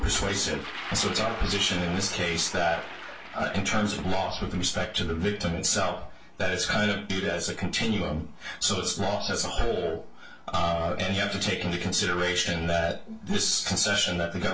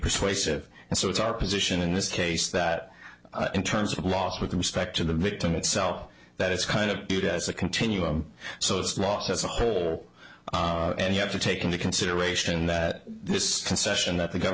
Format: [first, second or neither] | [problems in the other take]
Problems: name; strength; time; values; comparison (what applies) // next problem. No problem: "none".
second | background sound (Toilet flush); 17 dB below the speech // room echo; dies away in 0.2 s